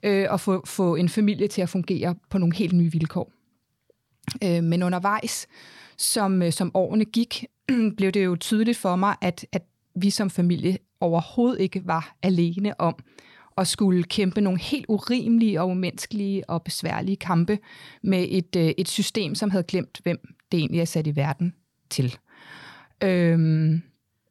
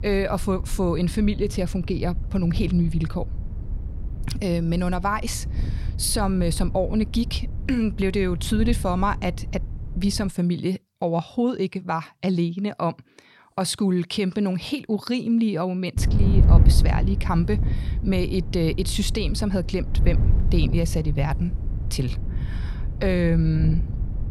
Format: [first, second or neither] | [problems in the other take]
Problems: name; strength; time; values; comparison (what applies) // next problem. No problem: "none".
first | wind noise on the microphone; occasional gusts; until 10 s and from 16 s on; 15 dB below the speech